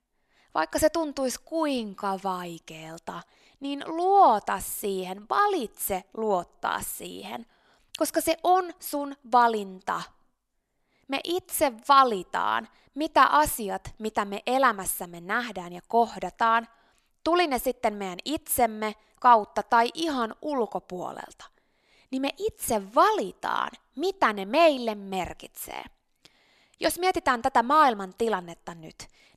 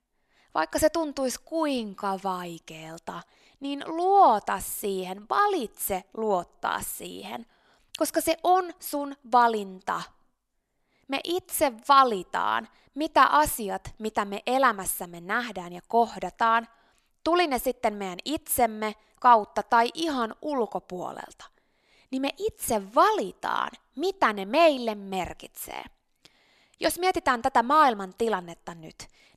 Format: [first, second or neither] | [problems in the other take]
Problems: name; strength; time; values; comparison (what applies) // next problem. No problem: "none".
neither | none